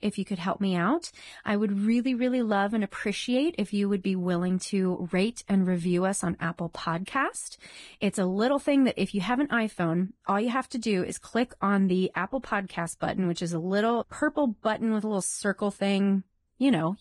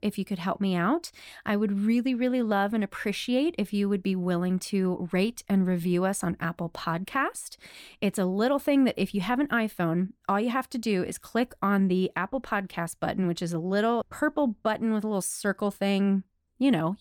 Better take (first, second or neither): second